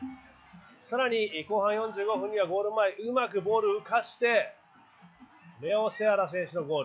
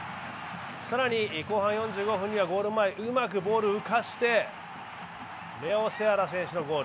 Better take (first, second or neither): second